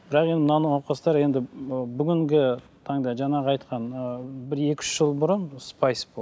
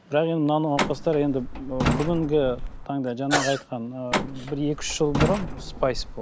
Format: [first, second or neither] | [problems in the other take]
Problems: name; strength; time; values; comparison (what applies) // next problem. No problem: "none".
first | background sound (Truck + Sneeze / Cough); 3 dB below the speech